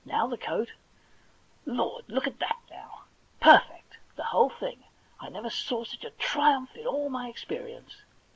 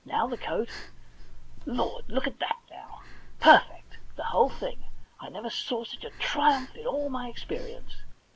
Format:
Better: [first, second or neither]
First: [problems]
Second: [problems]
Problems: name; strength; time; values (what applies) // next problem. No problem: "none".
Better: first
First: none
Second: background sound (Breathing); 5 dB below the speech